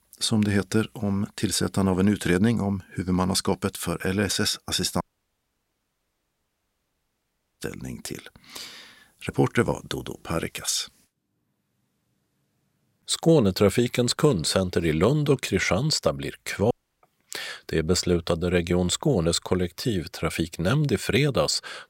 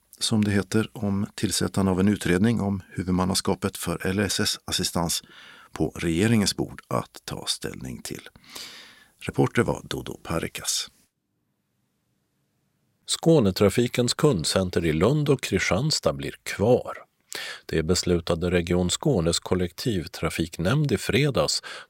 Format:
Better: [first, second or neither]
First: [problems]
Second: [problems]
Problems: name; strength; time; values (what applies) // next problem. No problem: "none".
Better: second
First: audio cutting out; at 5 s for 2.5 s and at 17 s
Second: none